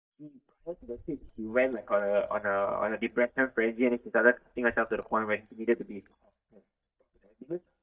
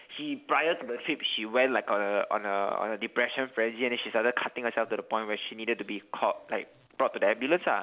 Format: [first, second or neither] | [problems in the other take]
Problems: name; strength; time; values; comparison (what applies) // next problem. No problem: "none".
second | noise reduction (neural mask model DeepFilterNet 3)